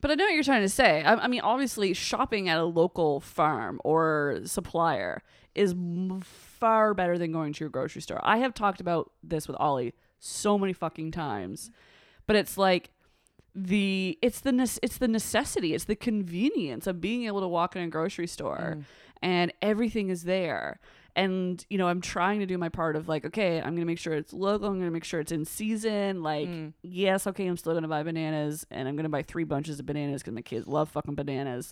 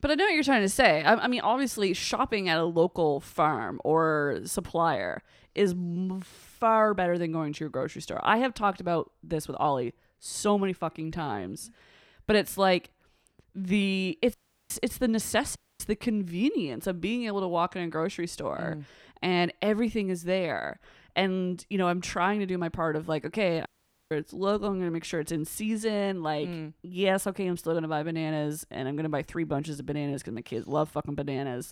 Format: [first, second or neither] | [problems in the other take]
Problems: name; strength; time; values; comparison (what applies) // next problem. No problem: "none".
first | audio cutting out; at 14 s, at 16 s and at 24 s